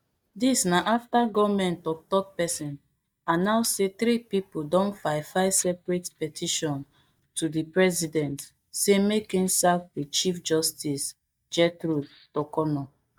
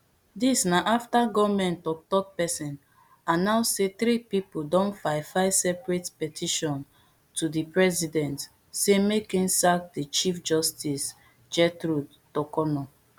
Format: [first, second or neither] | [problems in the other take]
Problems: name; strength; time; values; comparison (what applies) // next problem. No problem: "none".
second | noise reduction (neural mask model DeepFilterNet 3)